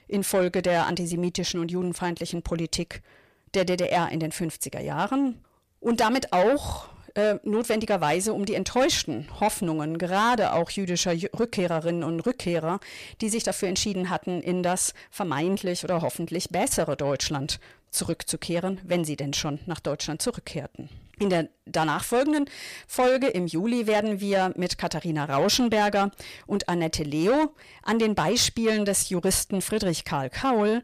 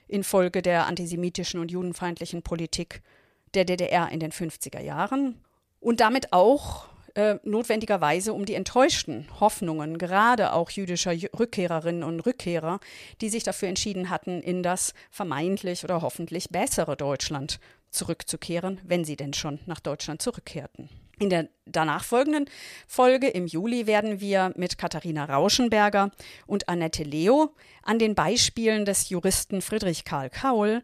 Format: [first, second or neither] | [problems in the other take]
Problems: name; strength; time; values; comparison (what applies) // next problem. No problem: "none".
second | distortion; slight; 10 dB below the speech